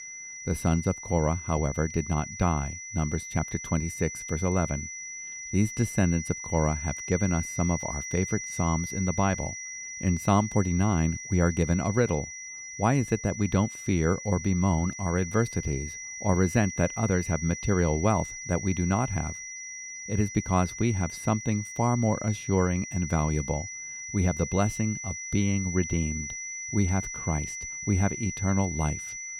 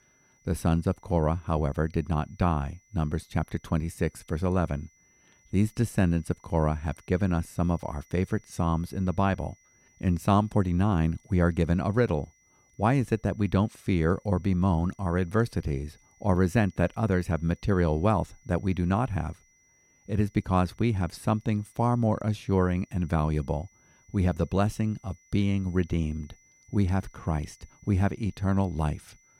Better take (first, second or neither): second